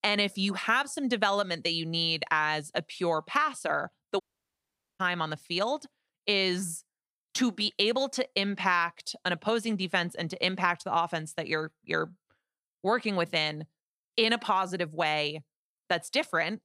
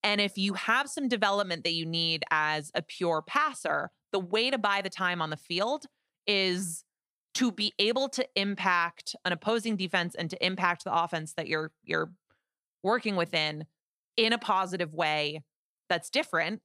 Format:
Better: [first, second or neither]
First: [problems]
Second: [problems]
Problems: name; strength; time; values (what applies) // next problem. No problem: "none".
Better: second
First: audio cutting out; at 4 s for 1 s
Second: none